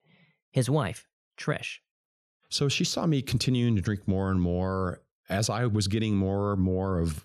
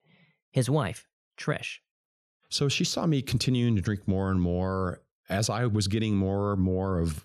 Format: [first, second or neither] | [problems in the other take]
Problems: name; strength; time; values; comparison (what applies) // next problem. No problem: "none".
neither | none